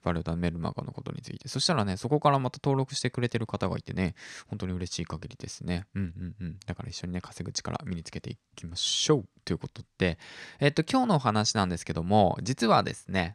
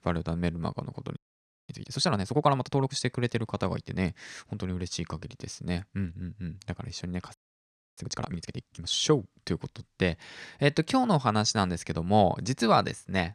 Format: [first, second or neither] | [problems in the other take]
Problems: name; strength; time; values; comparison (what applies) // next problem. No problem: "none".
first | audio freezing; at 1 s for 0.5 s and at 7.5 s for 0.5 s